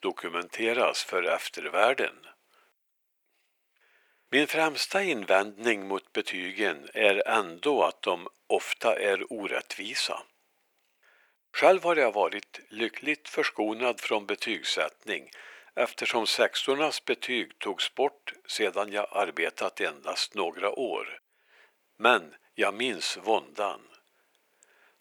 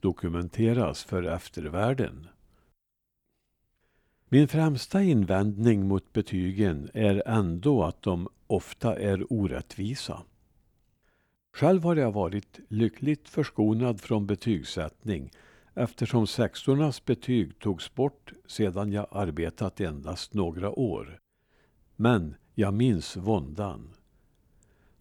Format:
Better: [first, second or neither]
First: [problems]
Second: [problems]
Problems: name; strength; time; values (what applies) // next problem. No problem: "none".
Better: second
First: thin; very; fading below 500 Hz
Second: none